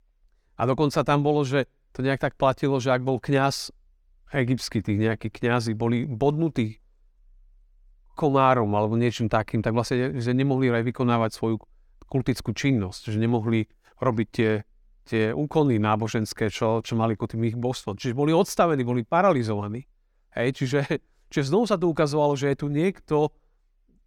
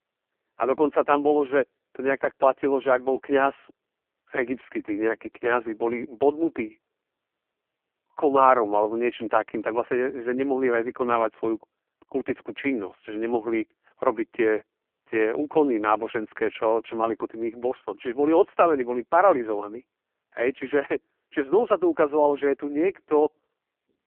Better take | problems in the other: first | phone-call audio; poor line

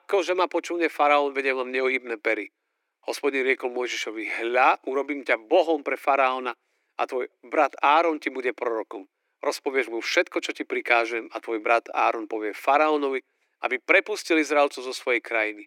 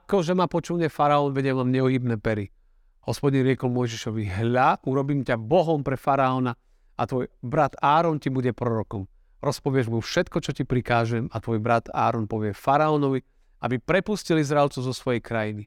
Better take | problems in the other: second | thin; somewhat; fading below 300 Hz

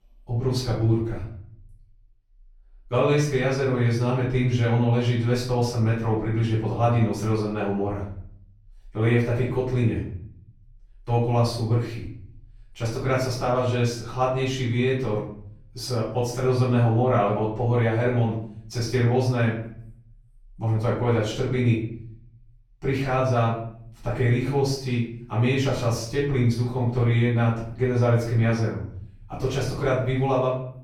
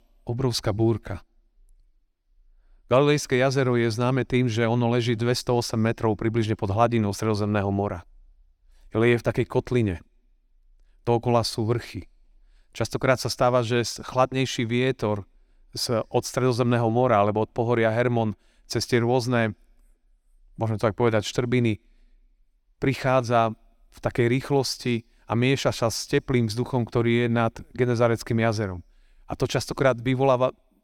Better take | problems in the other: second | off-mic speech; far // room echo; noticeable; dies away in 0.7 s

